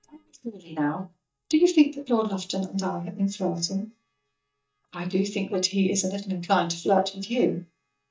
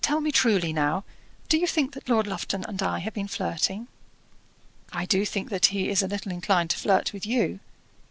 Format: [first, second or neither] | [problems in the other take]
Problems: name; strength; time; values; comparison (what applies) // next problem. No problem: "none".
second | noise reduction (neural mask model DeepFilterNet 3)